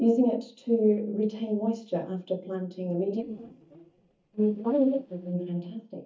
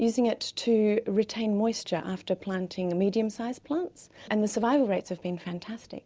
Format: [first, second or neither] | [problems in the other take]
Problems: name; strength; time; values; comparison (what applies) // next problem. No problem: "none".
second | noise reduction (neural mask model DeepFilterNet 3)